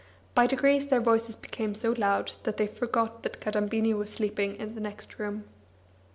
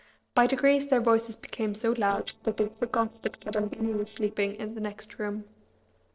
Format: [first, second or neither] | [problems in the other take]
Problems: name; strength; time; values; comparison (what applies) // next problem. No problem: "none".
first | noise reduction (neural separator model SepFormer DNS4)